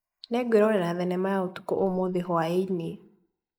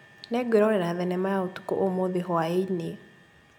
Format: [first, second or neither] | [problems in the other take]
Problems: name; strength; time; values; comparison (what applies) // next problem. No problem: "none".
second | noise reduction (neural mask model Resemble Enhance denoiser)